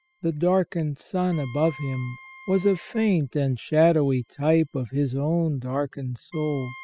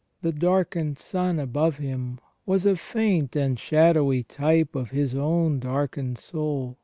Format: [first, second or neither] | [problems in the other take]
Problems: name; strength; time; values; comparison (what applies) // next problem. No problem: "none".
second | noise reduction (classical method spectral subtraction)